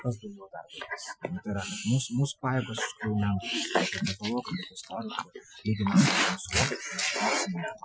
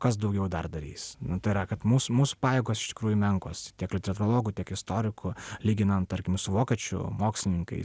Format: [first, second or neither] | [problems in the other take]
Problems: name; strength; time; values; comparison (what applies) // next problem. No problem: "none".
second | noise reduction (classical method Wiener filter)